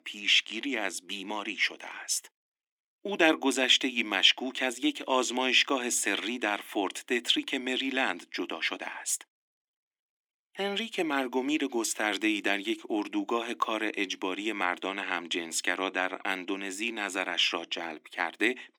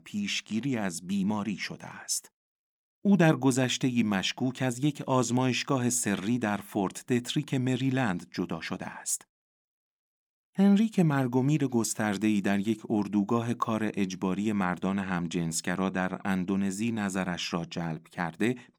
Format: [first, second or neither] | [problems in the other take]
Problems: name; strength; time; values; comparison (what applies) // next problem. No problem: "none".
second | thin; somewhat; fading below 300 Hz